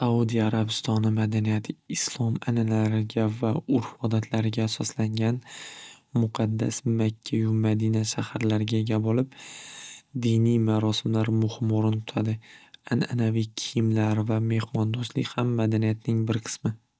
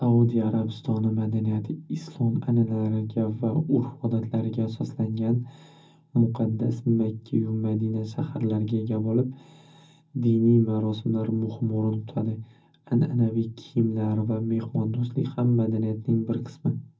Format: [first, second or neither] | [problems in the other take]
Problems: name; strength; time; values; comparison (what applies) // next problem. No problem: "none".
first | room echo; dies away in 0.4 s